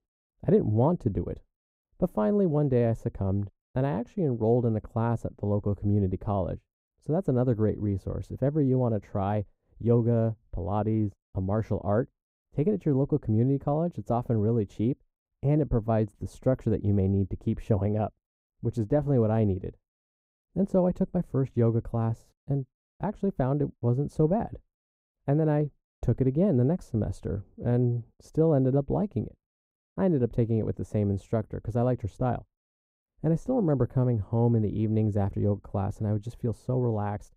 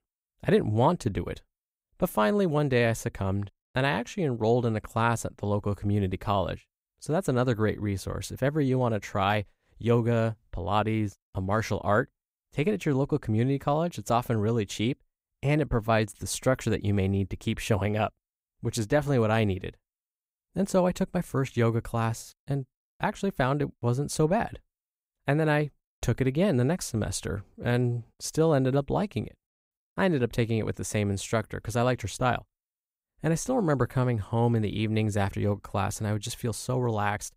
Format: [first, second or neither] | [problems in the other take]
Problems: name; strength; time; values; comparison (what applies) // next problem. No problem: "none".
second | muffled; very; fading above 1 kHz